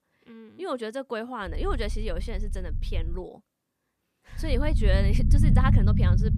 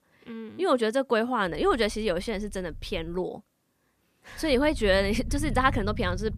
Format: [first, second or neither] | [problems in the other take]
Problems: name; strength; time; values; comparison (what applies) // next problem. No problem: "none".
second | low rumble; loud; from 1.5 to 3 s and from 4.5 s on; 3 dB below the speech; faint in the second